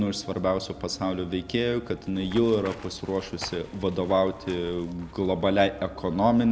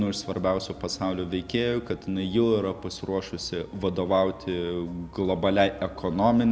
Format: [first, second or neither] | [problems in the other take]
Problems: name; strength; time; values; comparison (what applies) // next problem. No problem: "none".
second | background sound (Run); 19 dB below the speech